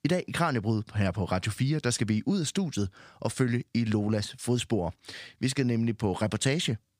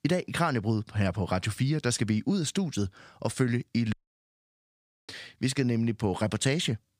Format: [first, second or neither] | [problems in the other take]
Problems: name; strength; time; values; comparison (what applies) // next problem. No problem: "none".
first | audio cutting out; at 4 s for 1 s